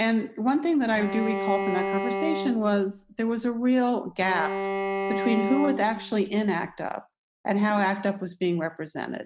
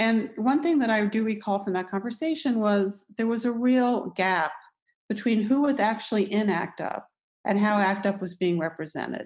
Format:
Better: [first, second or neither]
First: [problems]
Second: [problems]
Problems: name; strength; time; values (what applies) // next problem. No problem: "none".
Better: second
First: background sound (Bowed string instrument); 5 dB below the speech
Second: none